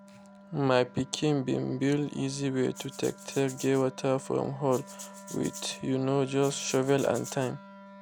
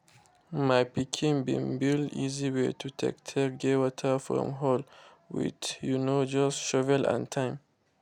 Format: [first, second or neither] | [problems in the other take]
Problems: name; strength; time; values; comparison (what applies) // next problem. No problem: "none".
second | background sound (Wind instrument, woodwind instrument + Rattle (instrument)); 17 dB below the speech